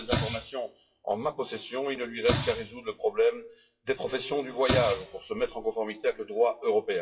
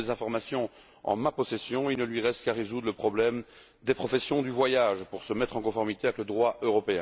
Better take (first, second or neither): second